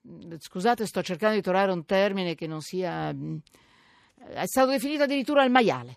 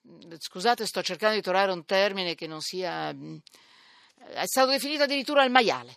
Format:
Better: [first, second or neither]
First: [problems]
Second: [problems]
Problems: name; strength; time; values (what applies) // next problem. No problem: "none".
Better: first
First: none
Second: thin; very slightly; fading below 550 Hz